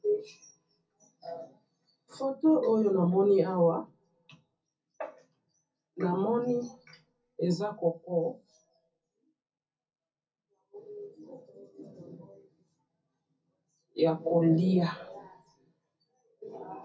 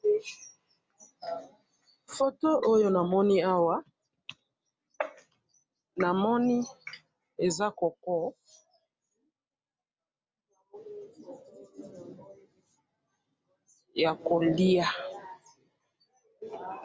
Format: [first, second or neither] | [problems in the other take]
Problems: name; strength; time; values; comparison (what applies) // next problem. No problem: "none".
second | room echo; dies away in 0.3 s